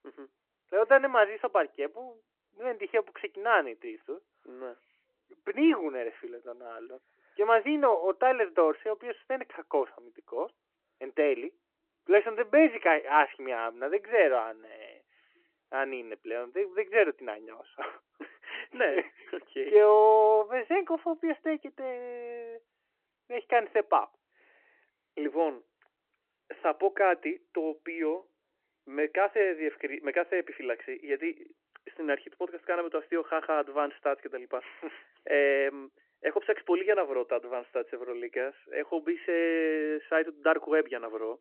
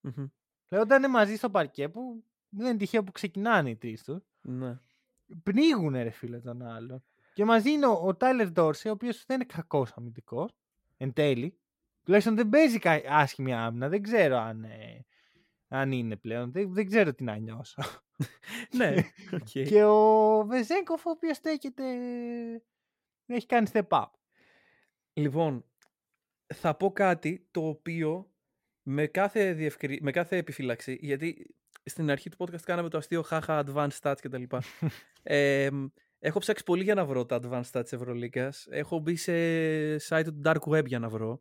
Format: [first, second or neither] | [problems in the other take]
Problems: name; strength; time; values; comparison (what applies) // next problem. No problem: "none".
second | phone-call audio